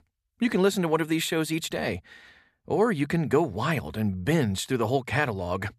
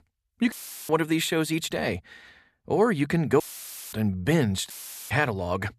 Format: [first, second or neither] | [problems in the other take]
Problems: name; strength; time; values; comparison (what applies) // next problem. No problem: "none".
first | audio cutting out; filled with static; at 0.5 s, at 3.5 s for 0.5 s and at 4.5 s